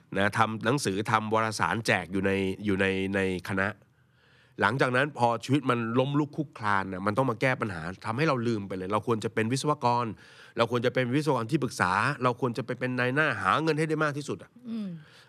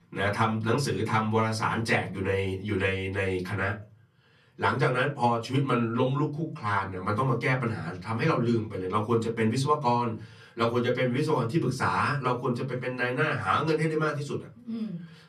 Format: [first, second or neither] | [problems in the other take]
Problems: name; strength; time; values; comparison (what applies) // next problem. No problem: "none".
first | off-mic speech; far // room echo; very slight; dies away in 0.3 s